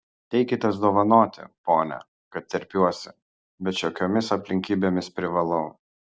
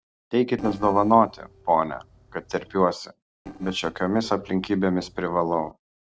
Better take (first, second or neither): first